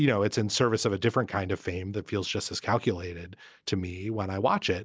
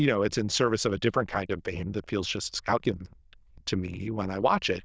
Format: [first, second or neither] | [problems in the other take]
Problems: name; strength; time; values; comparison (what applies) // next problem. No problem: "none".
first | noise reduction (neural diffusion model UNIVERSE++)